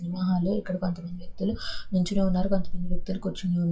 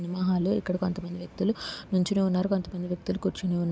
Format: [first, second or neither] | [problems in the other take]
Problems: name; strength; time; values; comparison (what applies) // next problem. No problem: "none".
second | noise reduction (classical method WPE with log-MMSE)